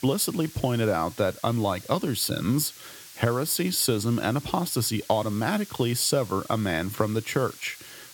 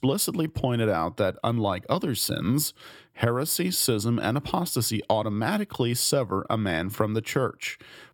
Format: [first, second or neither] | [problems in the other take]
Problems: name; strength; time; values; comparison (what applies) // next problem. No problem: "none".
second | hiss; noticeable; throughout; 20 dB below the speech